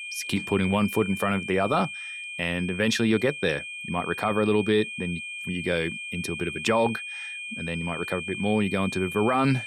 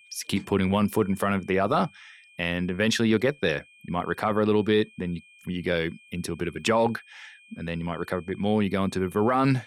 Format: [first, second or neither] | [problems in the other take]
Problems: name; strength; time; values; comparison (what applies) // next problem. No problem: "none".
second | high-pitched whine; loud; throughout; 2.5 kHz, 7 dB below the speech; faint in the second